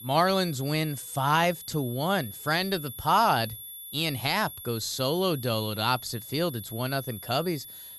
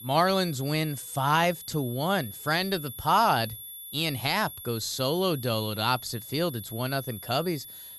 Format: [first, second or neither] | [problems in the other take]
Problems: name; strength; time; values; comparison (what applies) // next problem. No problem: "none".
neither | high-pitched whine; noticeable; throughout; 11.5 kHz, 10 dB below the speech; the same in both